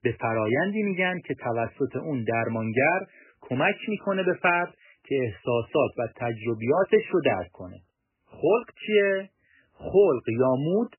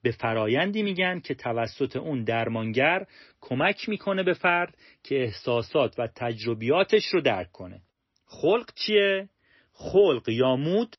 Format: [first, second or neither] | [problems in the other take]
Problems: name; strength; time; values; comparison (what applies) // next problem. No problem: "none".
second | garbled, watery; badly; nothing above 3 kHz; slightly in the second